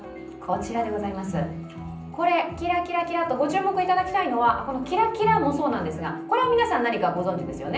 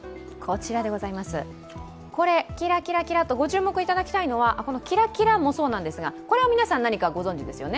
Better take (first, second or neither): second